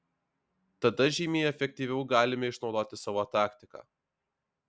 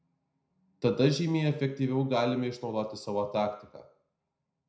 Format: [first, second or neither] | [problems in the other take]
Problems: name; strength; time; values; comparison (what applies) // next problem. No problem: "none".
first | room echo; dies away in 0.5 s